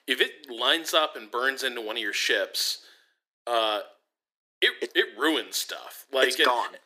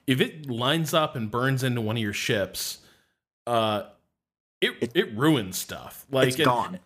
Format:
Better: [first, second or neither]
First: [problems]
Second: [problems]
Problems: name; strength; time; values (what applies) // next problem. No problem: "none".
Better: second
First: thin; very; fading below 350 Hz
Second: none